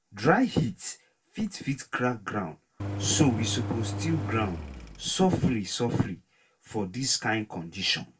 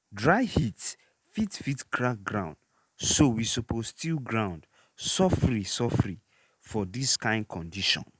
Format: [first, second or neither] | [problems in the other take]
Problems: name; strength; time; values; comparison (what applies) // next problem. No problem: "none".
second | background sound (Engine); 5 dB below the speech // room echo; dies away in 0.2 s